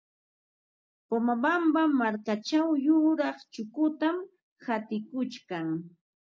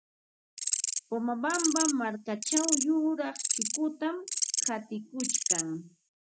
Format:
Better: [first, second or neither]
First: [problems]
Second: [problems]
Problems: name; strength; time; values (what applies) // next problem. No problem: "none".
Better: first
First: none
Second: background sound (Insect); as loud as the speech